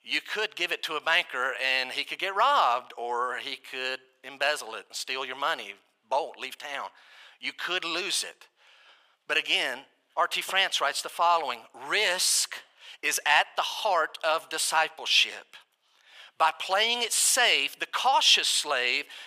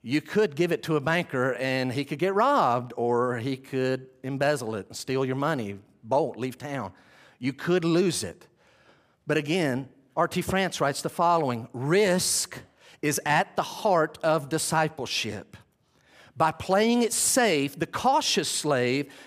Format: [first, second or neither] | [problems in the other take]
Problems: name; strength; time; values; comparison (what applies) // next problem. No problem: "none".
second | thin; very; fading below 900 Hz